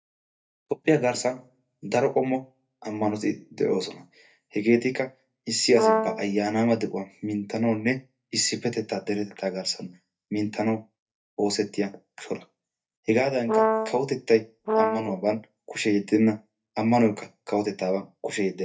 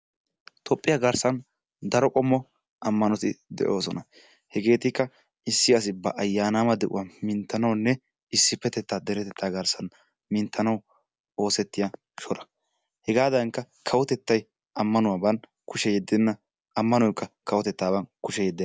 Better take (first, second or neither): second